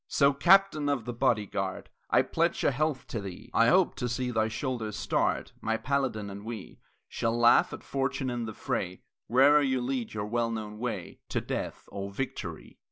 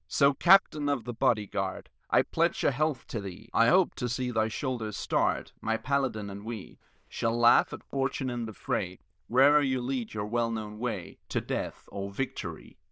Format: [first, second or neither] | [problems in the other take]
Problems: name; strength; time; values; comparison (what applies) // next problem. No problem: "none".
first | noise reduction (neural diffusion model UNIVERSE++)